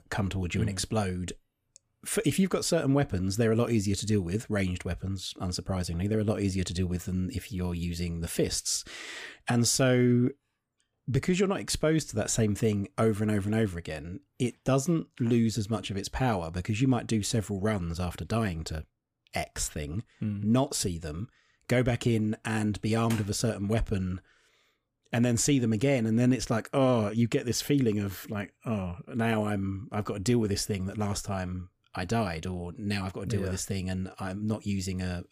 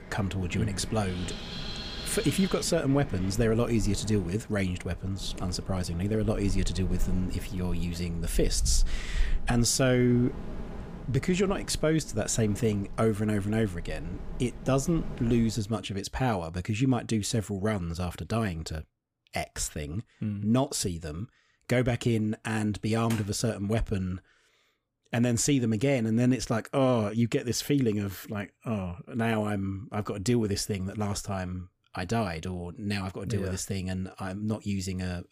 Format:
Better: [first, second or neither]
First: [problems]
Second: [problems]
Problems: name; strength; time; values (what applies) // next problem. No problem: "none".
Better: first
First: none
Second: wind in the background; noticeable; until 15 s; 10 dB below the speech